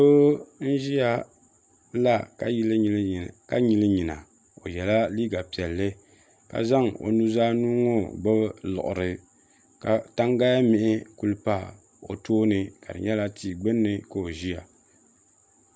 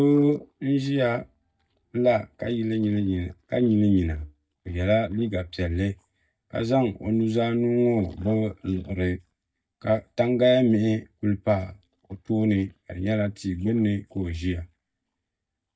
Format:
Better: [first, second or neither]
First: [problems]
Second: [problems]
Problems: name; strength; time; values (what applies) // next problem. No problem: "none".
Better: first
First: none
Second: noise reduction (neural mask model DeepFilterNet 3)